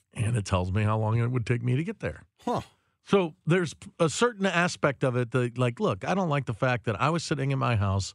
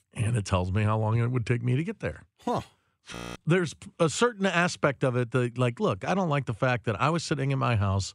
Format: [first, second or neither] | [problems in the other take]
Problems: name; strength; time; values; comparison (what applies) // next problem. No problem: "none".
first | audio freezing; at 3 s